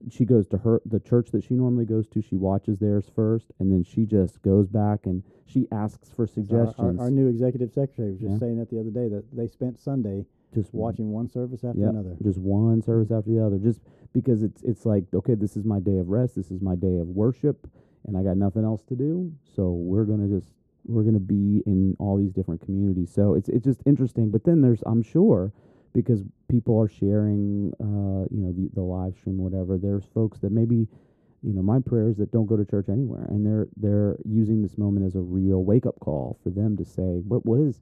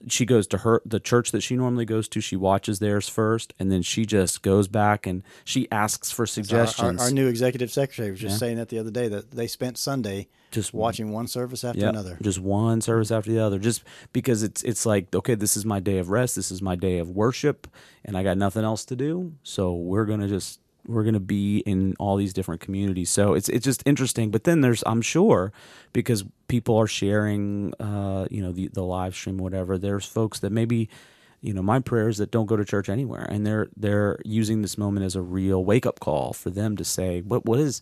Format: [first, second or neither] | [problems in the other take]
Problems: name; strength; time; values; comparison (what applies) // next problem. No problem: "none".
second | muffled; very; fading above 1 kHz